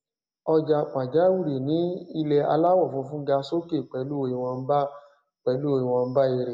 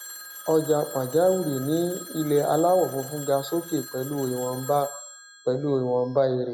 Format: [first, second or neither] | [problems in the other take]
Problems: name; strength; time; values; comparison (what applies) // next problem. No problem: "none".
first | background sound (Telephone); 16 dB below the speech